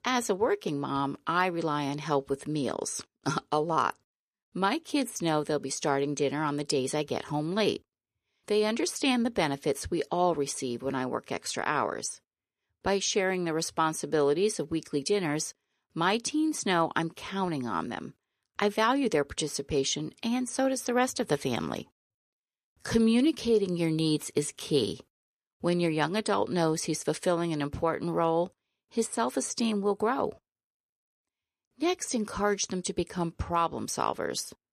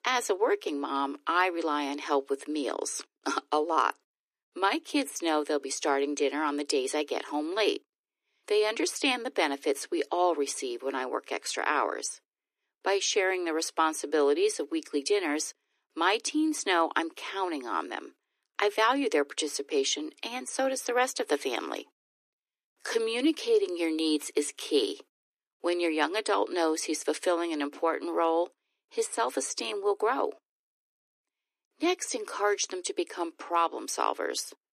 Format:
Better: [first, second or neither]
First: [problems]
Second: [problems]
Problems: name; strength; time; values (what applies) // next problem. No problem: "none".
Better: first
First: none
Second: thin; very slightly; fading below 300 Hz